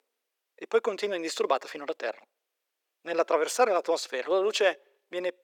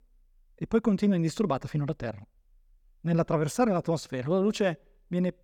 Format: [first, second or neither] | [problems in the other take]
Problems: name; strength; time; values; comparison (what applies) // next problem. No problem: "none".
second | thin; very; fading below 400 Hz